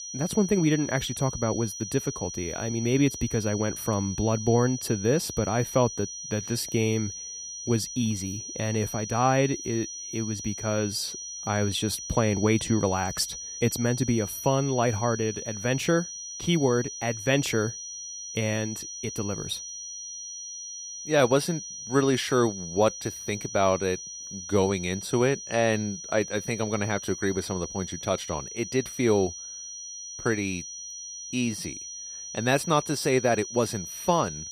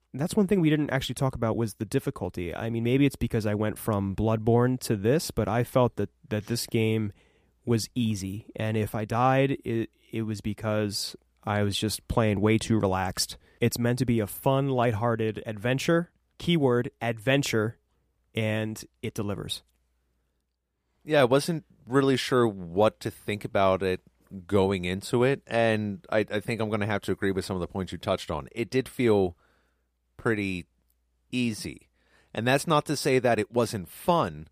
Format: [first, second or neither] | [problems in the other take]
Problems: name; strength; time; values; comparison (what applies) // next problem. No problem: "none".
second | high-pitched whine; loud; throughout; 6 kHz, 8 dB below the speech